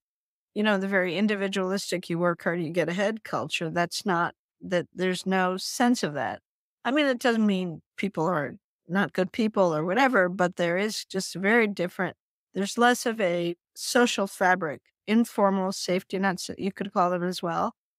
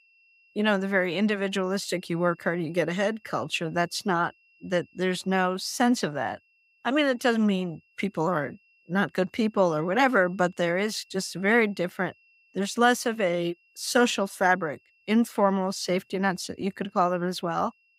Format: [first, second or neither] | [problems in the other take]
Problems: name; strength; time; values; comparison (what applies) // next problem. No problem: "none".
first | high-pitched whine; faint; throughout; 2.5 kHz, 35 dB below the speech